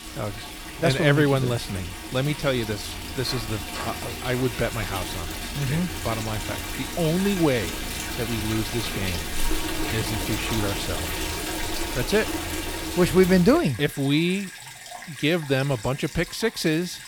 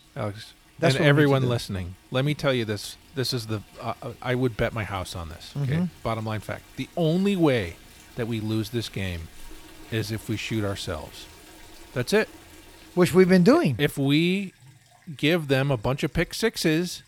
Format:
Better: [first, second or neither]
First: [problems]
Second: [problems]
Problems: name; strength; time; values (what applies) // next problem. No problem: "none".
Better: second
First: rain or running water; loud; throughout; 6 dB below the speech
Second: rain or running water; faint; throughout; 25 dB below the speech